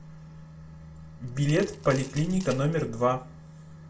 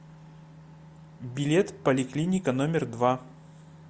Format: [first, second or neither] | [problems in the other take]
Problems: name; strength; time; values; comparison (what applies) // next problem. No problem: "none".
second | background sound (Coin (dropping) / Glass); 19 dB below the speech // room echo; dies away in 0.2 s